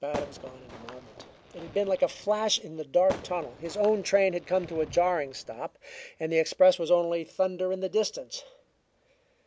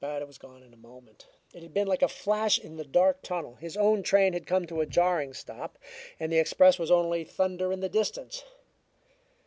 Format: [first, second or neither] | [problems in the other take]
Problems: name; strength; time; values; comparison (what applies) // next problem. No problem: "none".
second | background sound (Fireworks); 15 dB below the speech